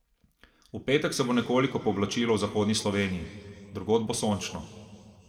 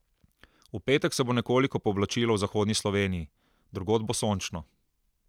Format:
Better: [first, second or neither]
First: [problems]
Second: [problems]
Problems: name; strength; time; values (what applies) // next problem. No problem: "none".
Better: second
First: room echo; dies away in 1.8 s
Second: none